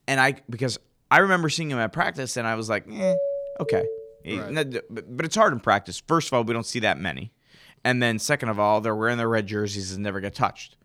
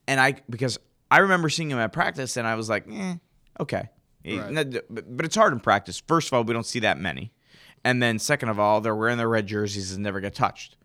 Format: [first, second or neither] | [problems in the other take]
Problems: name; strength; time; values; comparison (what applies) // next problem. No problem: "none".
second | doorbell; noticeable; from 3 to 4 s; peak level with the speech